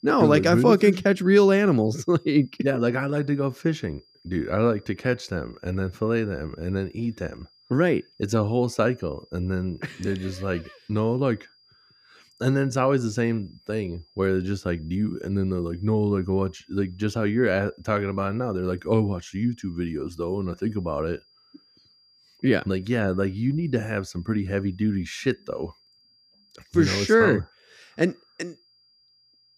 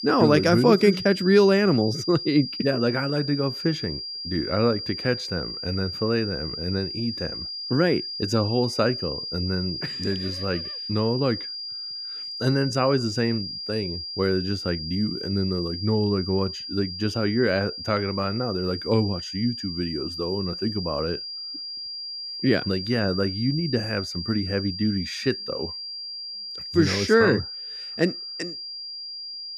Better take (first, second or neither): first